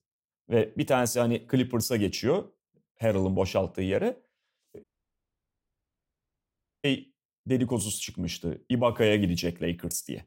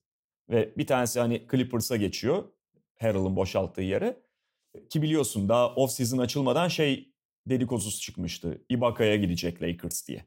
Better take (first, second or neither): second